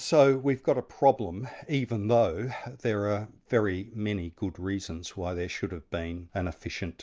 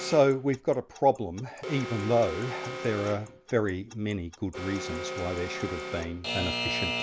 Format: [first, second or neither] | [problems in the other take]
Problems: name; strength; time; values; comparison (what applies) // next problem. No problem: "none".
first | background sound (Alarm / Clock + Alarm); 8 dB below the speech